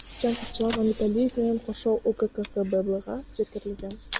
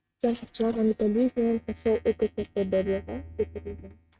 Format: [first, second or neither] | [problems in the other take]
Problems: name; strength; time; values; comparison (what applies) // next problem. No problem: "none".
first | noise reduction (neural mask model RNNoise)